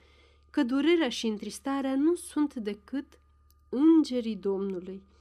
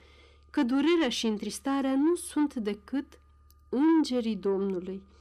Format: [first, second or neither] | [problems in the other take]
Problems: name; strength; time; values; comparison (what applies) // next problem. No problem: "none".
first | distortion; slight; 10 dB below the speech